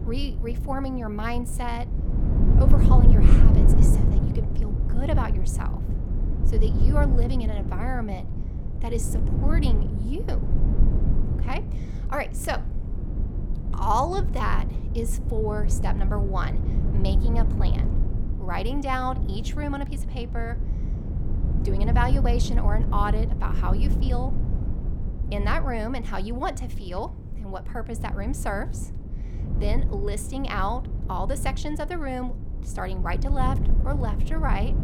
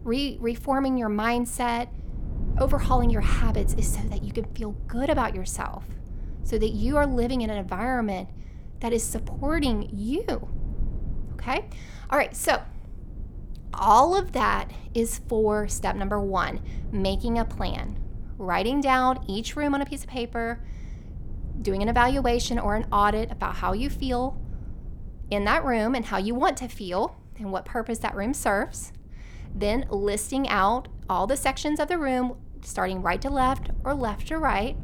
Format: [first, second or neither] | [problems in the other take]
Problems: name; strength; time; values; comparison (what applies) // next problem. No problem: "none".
second | low rumble; loud; throughout; 8 dB below the speech; faint in the second